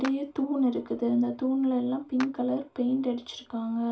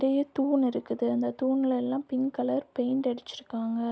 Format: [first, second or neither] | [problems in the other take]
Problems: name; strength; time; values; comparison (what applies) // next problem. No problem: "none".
second | background sound (Clapping); 20 dB below the speech // room echo; dies away in 0.2 s